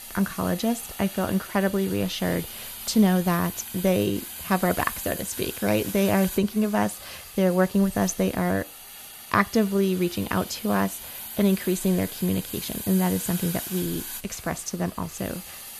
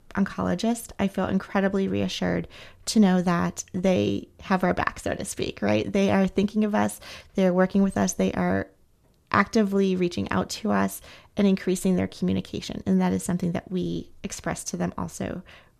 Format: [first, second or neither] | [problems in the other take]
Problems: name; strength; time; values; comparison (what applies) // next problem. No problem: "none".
second | hiss; noticeable; throughout; 10 dB below the speech